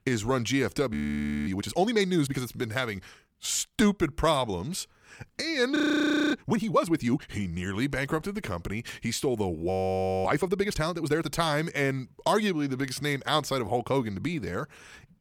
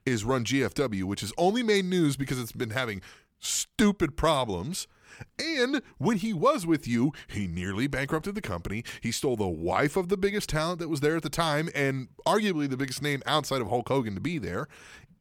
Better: second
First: audio freezing; at 1 s for 0.5 s, at 6 s for 0.5 s and at 9.5 s for 0.5 s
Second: none

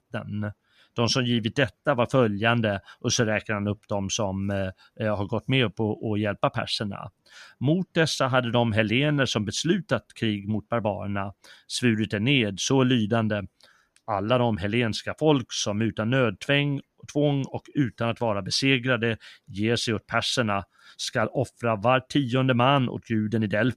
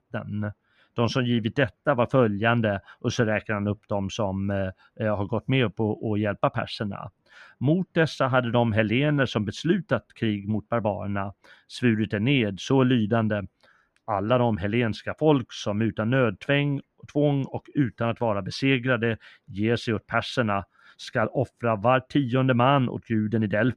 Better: first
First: none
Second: muffled; slightly; fading above 3.5 kHz

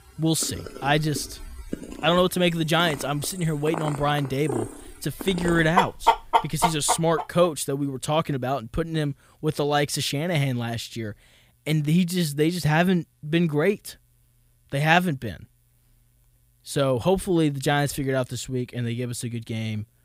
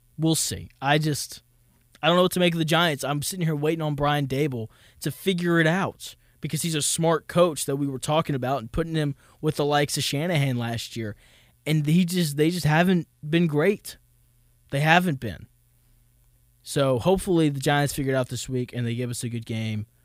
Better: second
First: animal sounds; loud; until 7 s; 5 dB below the speech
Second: none

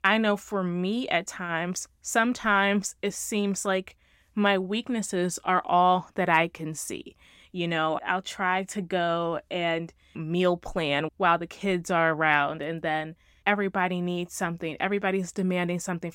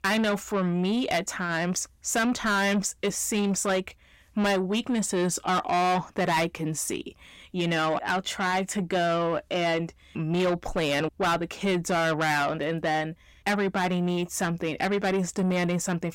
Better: first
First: none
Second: distortion; heavy; 7 dB below the speech

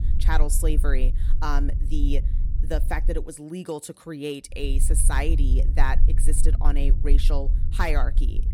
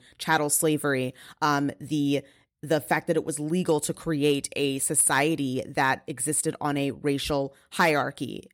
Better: second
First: low rumble; noticeable; until 3 s and from 4.5 s on; 15 dB below the speech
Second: none

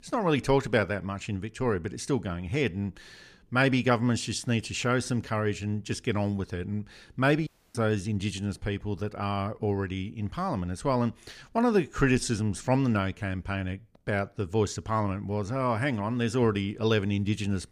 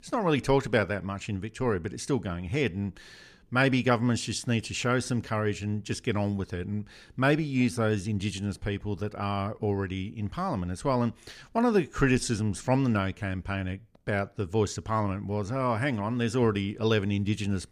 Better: second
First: audio cutting out; at 7.5 s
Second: none

